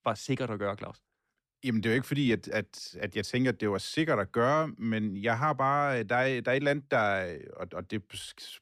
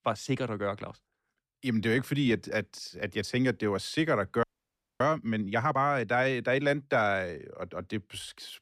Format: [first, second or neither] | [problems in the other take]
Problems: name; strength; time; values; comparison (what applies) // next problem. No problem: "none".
first | audio freezing; at 4.5 s for 0.5 s